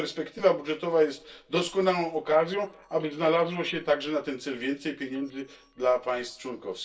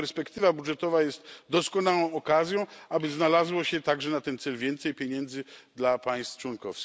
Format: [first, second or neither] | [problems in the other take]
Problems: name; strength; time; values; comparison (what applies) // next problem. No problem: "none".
second | noise reduction (neural separator model SepFormer DNS4)